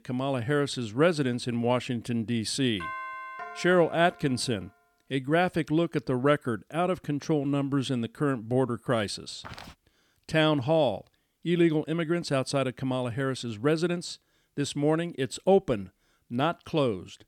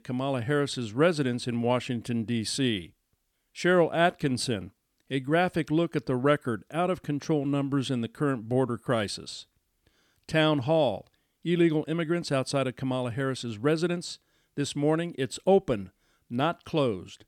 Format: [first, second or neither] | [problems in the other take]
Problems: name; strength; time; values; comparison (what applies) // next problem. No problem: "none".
second | doorbell; noticeable; from 3 to 4.5 s; peak 8 dB below the speech // footsteps; faint; at 9.5 s; peak 15 dB below the speech